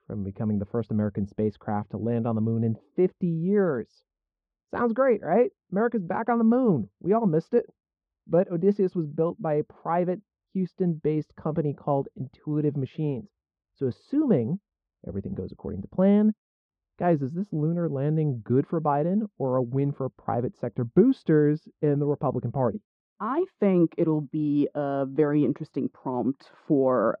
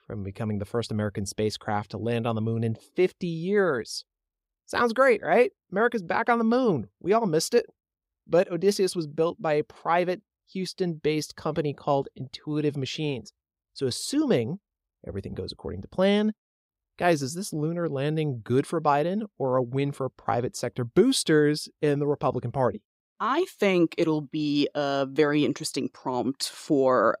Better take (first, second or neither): second